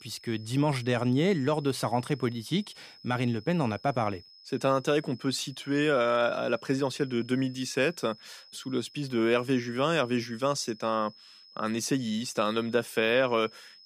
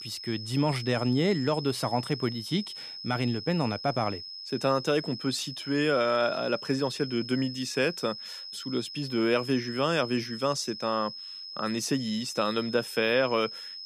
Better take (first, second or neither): first